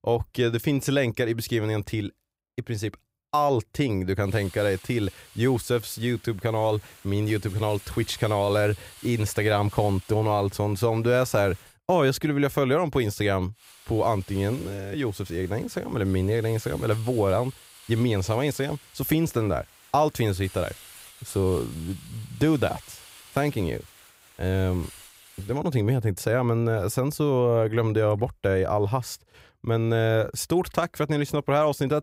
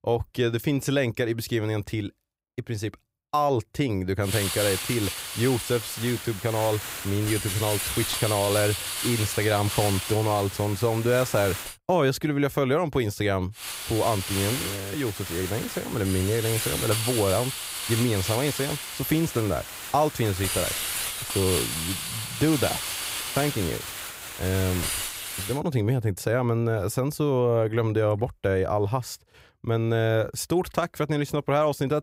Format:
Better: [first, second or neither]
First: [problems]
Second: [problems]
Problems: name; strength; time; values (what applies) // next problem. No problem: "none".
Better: first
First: hiss; faint; from 4.5 to 12 s and from 14 to 26 s; 20 dB below the speech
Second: hiss; loud; from 4.5 to 12 s and from 14 to 26 s; 4 dB below the speech